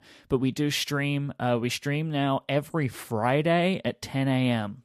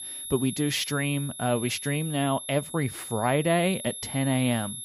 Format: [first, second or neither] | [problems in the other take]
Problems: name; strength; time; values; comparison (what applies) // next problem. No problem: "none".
first | high-pitched whine; loud; throughout; 11 kHz, 8 dB below the speech